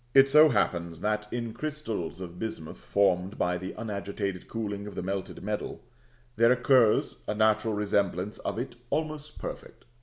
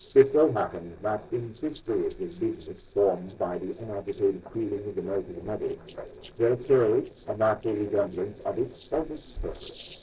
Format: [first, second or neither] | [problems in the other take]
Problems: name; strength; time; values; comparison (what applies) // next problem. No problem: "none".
first | noise reduction (neural separator model SepFormer DNS4)